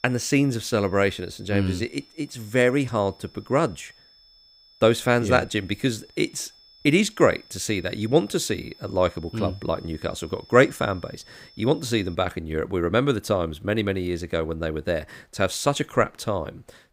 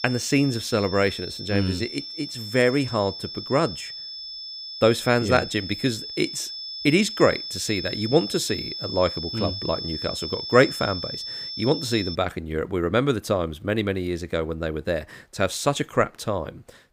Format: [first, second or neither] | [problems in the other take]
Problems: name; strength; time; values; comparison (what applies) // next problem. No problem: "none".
first | high-pitched whine; loud; until 12 s; 5.5 kHz, 7 dB below the speech; faint in the first